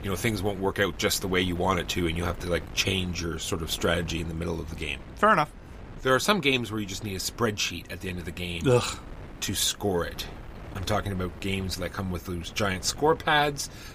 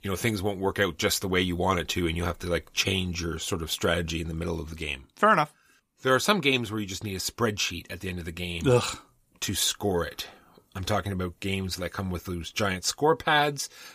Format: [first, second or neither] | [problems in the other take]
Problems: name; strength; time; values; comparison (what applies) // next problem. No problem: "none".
second | wind noise on the microphone; occasional gusts; 20 dB below the speech